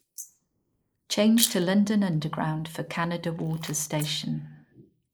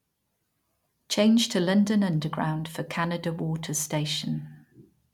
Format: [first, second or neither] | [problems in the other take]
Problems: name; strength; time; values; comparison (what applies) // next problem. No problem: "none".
second | noise reduction (neural mask model Resemble Enhance denoiser)